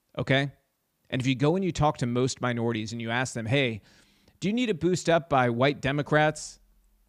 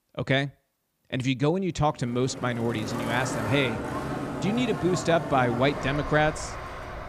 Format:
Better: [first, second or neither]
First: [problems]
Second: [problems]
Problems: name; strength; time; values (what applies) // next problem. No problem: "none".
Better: first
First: none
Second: traffic noise; loud; from 2 s on; 7 dB below the speech